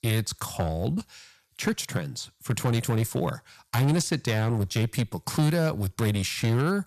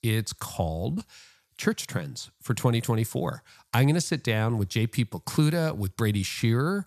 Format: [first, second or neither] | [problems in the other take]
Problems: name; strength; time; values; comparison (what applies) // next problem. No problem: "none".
second | distortion; slight; 9% of the sound clipped